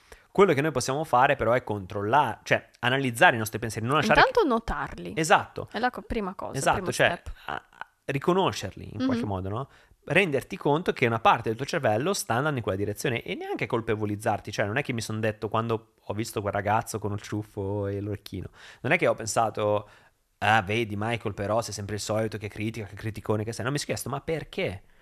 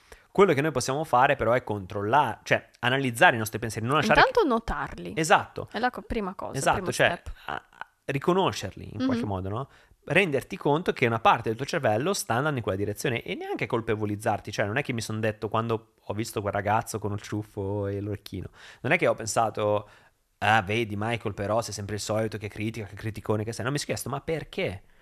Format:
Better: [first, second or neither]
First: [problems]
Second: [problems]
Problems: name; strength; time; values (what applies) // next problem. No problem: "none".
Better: neither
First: none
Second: none